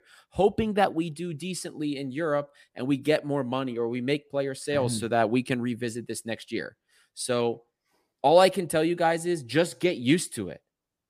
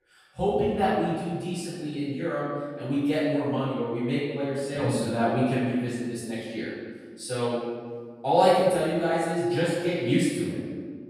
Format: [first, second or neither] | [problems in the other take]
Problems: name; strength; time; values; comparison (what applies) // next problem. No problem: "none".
first | off-mic speech; far // room echo; strong; dies away in 1.5 s